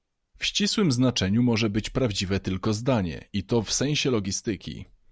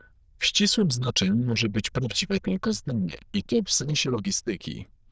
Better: first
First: none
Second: noise reduction (neural diffusion model UNIVERSE++)

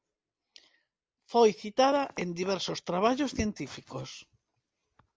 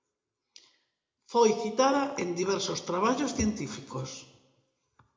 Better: first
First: none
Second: room echo; dies away in 0.7 s

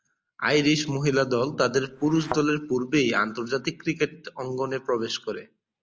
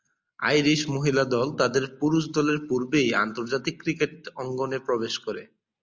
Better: second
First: background sound (Thump, thud); 11 dB below the speech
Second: none

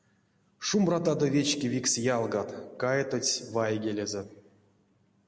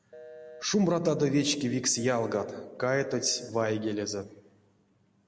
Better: first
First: none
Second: background sound (Telephone); 19 dB below the speech

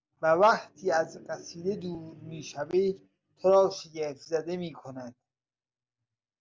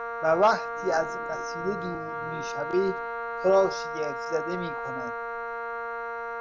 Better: first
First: none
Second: background sound (Wind instrument, woodwind instrument); 4 dB below the speech

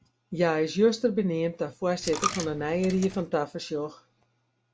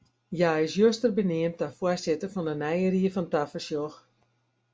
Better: second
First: background sound (Coin (dropping)); 11 dB below the speech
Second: none

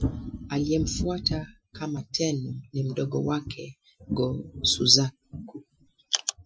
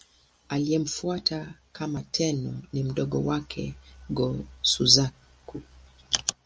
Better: second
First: noise reduction (classical method Wiener filter)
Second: none

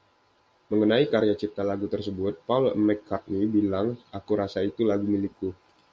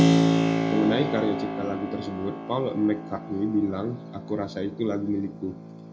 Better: first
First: none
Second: background sound (Keyboard (musical)); 1 dB above the speech // room echo; dies away in 0.3 s

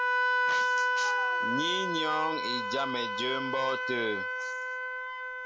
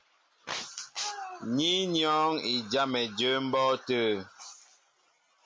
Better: second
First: background sound (Wind instrument, woodwind instrument); 5 dB above the speech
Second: none

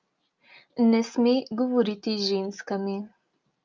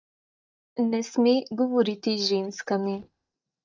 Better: first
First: none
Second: noise reduction (neural mask model DeepFilterNet 3)

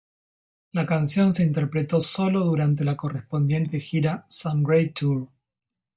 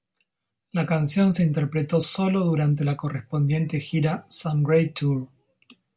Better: second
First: noise reduction (neural mask model DeepFilterNet 3)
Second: none

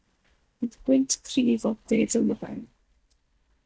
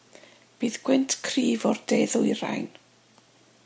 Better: second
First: noise reduction (neural mask model DeepFilterNet 3)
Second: none

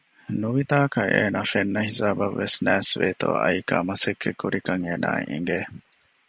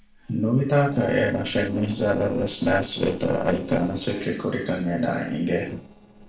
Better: first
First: none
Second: noise reduction (neural separator model SepFormer DNS4)

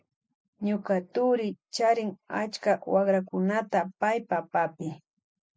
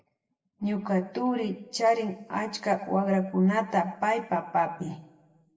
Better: first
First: none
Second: room echo; dies away in 0.7 s

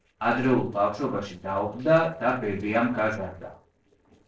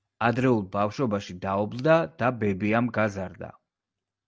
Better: second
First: noise reduction (neural separator model SepFormer DNS4)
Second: none

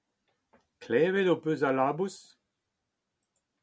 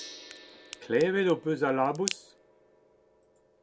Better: first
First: none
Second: background sound (Gong + Crack); 14 dB below the speech

